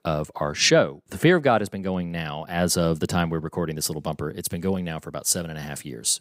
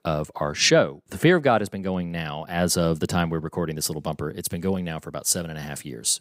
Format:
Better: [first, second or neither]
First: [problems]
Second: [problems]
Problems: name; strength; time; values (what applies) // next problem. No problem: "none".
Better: neither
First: none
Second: none